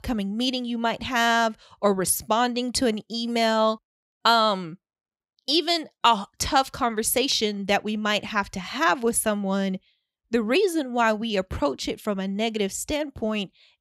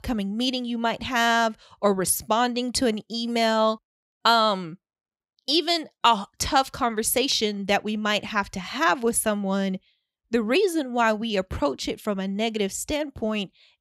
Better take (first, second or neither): neither